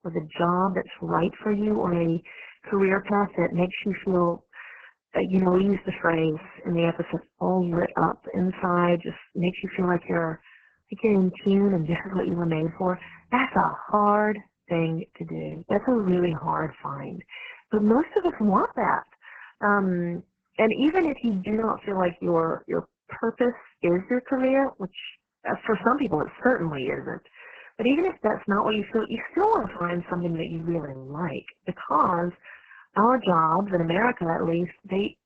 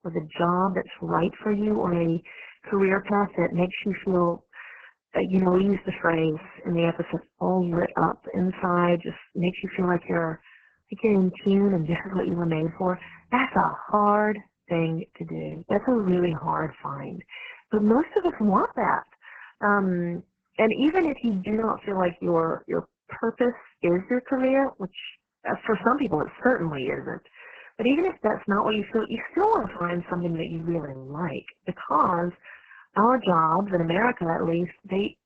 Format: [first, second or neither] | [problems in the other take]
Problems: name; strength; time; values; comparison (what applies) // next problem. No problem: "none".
neither | garbled, watery; badly; the same in both